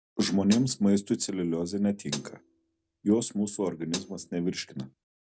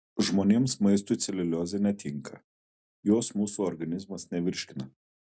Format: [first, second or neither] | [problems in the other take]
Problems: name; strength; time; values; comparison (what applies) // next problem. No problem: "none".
second | background sound (Hi-hat); 14 dB below the speech